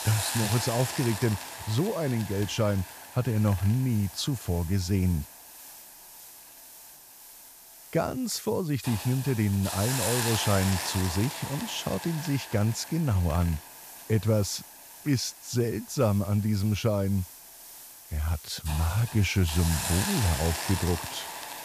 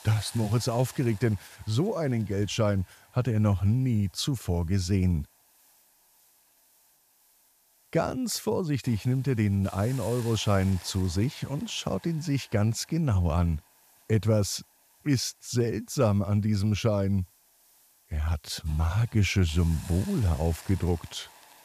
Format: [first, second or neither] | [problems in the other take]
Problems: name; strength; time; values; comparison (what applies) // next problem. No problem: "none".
second | hiss; loud; throughout; 8 dB below the speech; faint in the second